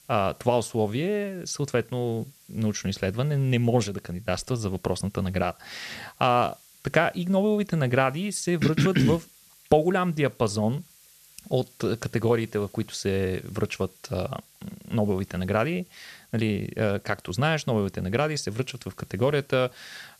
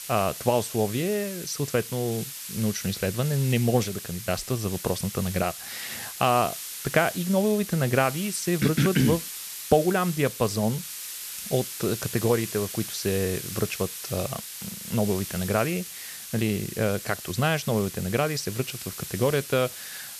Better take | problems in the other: first | hiss; loud; throughout; 8 dB below the speech; faint in the first

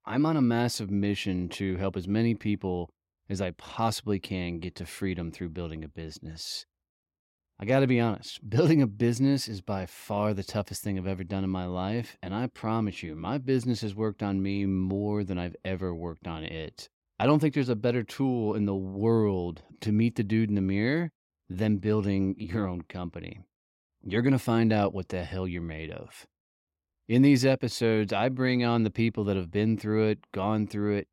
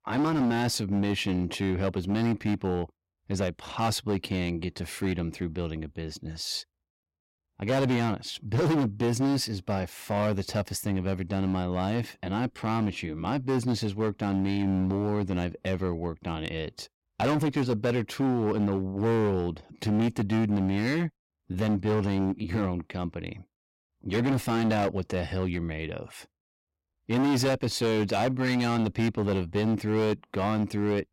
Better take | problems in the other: first | distortion; heavy; 14% of the sound clipped

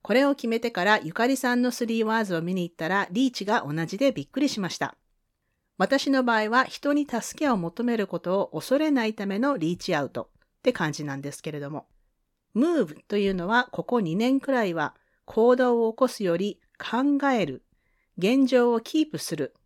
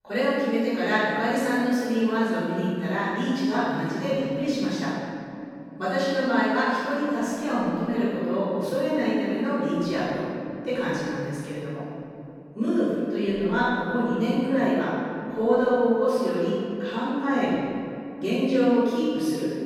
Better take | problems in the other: first | room echo; strong; dies away in 2.7 s // off-mic speech; far

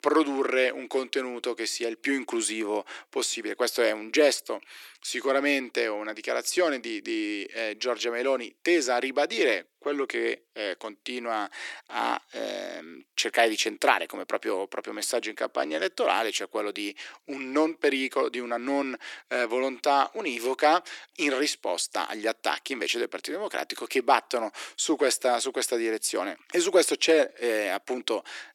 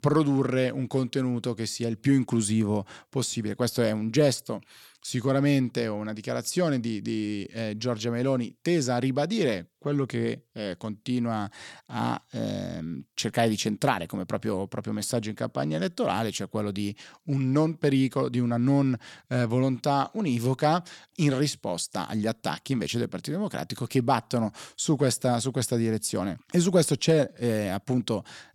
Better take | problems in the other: second | thin; somewhat; fading below 300 Hz

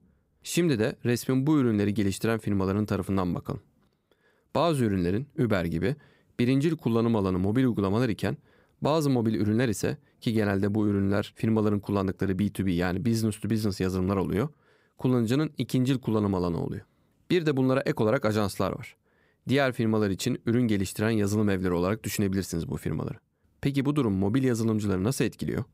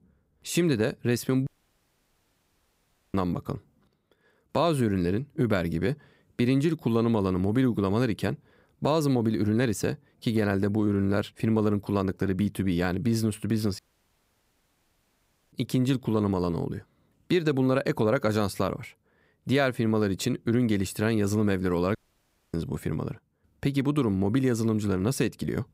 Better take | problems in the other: first | audio cutting out; at 1.5 s for 1.5 s, at 14 s for 1.5 s and at 22 s for 0.5 s

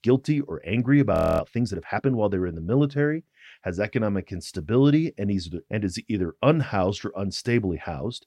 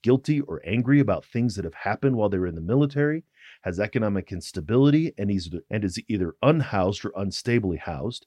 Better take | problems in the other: second | audio freezing; at 1 s

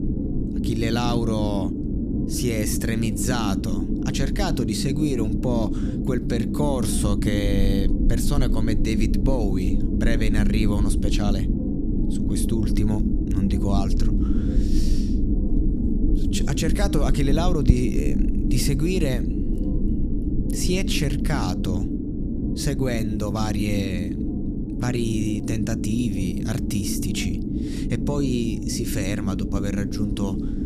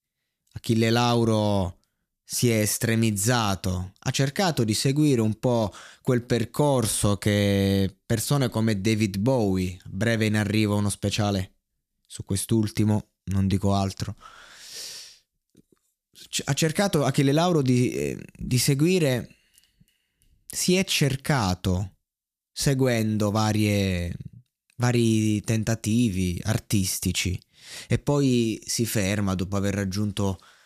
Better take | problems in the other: second | low rumble; loud; throughout; 2 dB below the speech

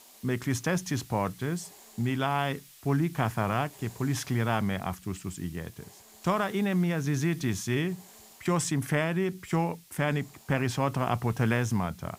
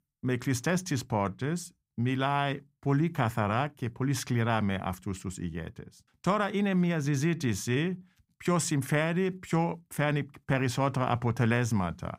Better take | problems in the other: second | hiss; faint; throughout; 20 dB below the speech

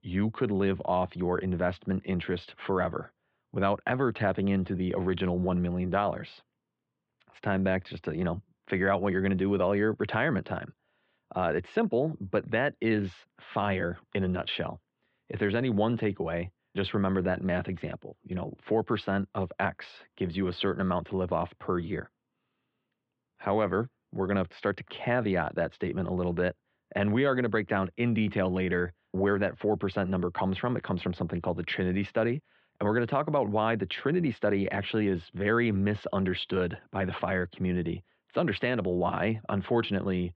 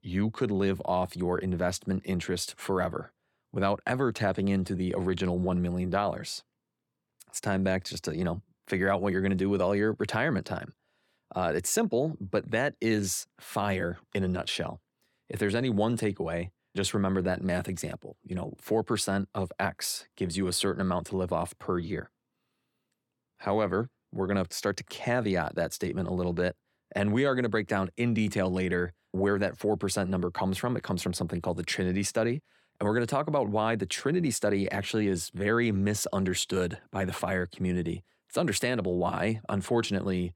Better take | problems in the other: second | muffled; very; fading above 3.5 kHz

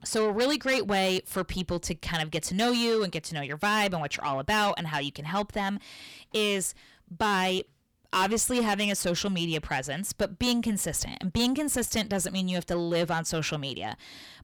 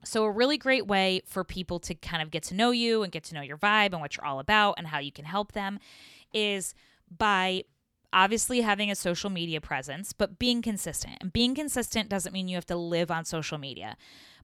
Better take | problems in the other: second | distortion; heavy; 7 dB below the speech

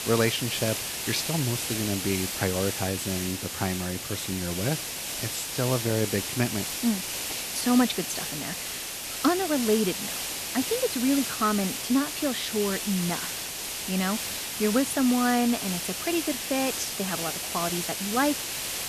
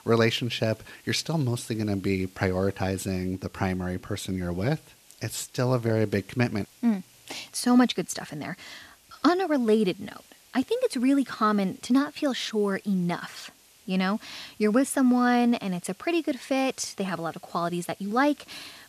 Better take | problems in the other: second | hiss; loud; throughout; 2 dB below the speech; faint in the second

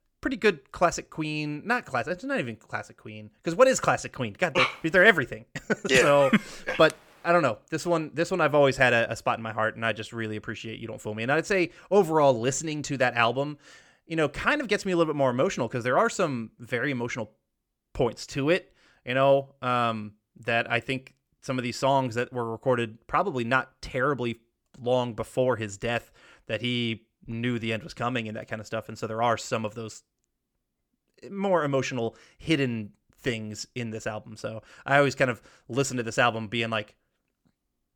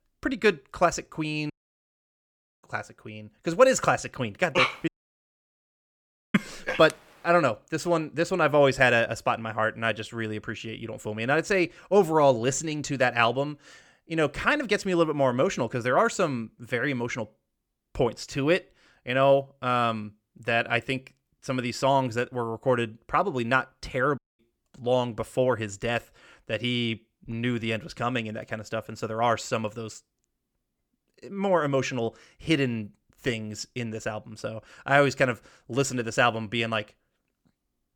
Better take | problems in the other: first | audio cutting out; at 1.5 s for 1 s, at 5 s for 1.5 s and at 24 s

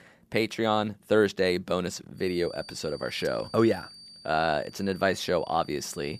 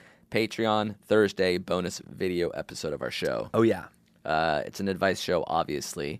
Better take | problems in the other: second | high-pitched whine; noticeable; from 2 s on; 4.5 kHz, 20 dB below the speech

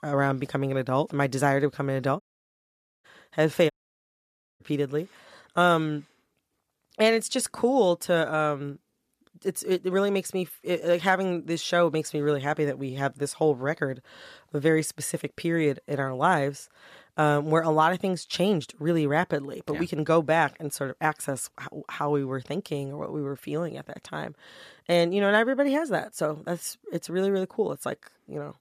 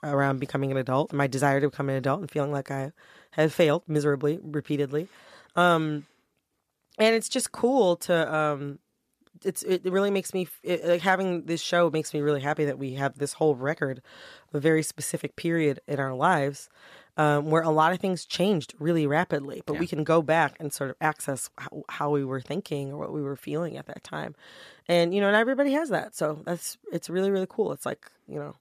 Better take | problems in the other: second | audio cutting out; at 2 s for 1 s and at 3.5 s for 1 s

